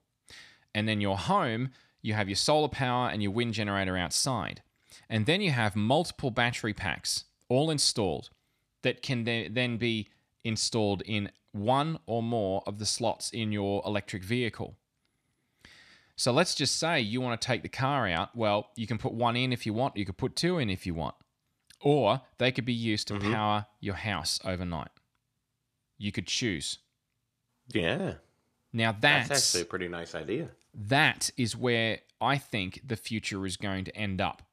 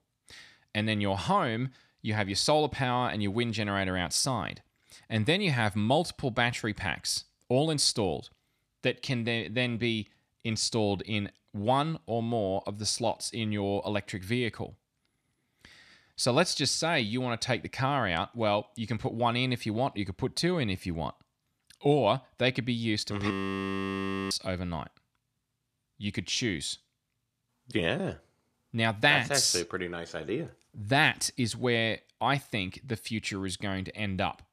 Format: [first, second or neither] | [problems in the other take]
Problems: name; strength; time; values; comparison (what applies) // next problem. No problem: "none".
first | audio freezing; at 23 s for 1 s